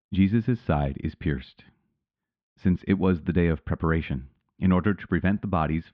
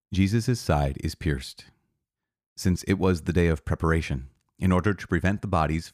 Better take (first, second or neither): second